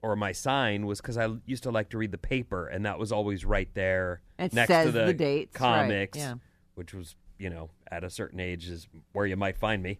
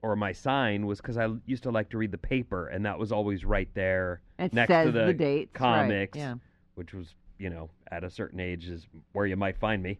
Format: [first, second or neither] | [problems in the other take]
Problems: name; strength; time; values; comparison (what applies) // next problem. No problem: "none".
first | muffled; slightly; fading above 3 kHz